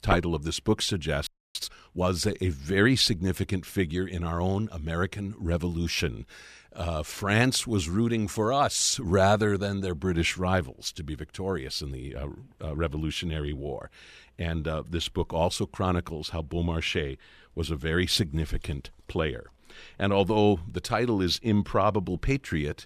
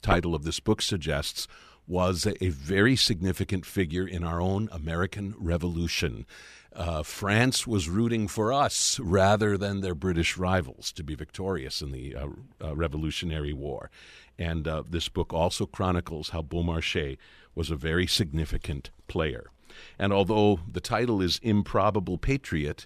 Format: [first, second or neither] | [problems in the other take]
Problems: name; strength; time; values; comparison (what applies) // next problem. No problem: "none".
second | audio freezing; at 1.5 s